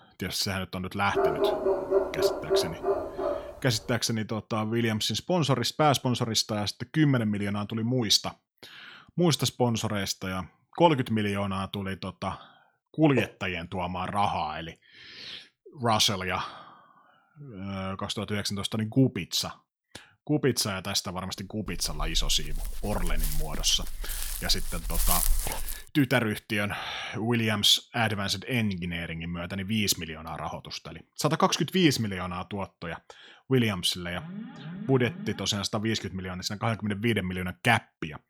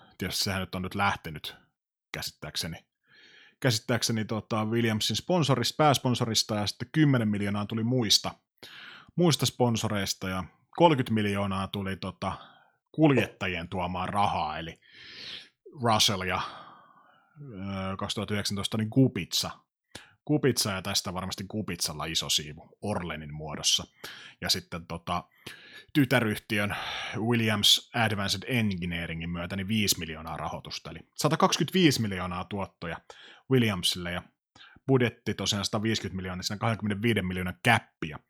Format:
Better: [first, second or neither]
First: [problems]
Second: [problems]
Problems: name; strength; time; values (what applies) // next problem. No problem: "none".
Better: second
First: dog barking; loud; from 1 to 3.5 s and from 22 to 26 s; peak 3 dB above the speech // alarm; faint; from 34 to 35 s; peak 10 dB below the speech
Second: none